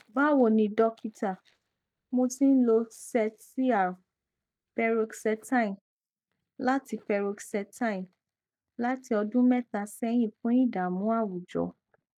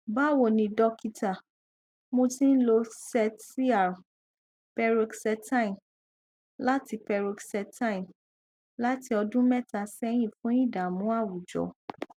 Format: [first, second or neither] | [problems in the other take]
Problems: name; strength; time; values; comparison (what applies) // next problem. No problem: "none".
second | noise reduction (neural mask model DeepFilterNet 3)